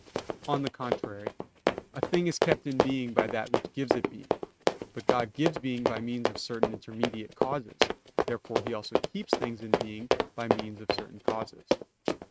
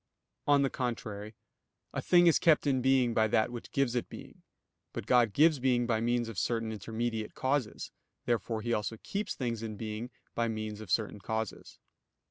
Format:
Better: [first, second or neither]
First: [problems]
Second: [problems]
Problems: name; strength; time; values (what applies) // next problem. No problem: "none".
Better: second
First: noise reduction (neural mask model RNNoise)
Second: none